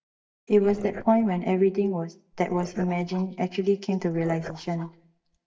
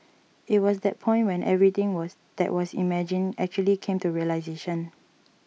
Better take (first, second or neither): second